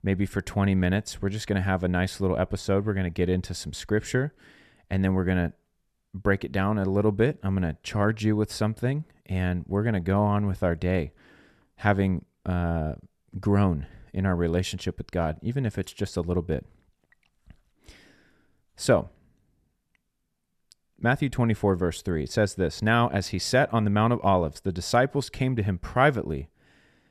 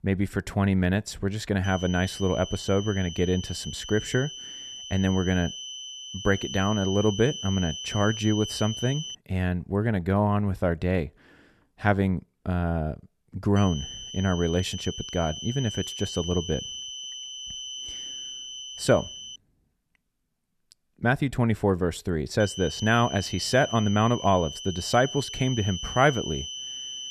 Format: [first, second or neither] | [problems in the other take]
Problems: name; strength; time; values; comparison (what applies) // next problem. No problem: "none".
first | high-pitched whine; loud; from 1.5 to 9 s, from 14 to 19 s and from 22 s on; 3 kHz, 9 dB below the speech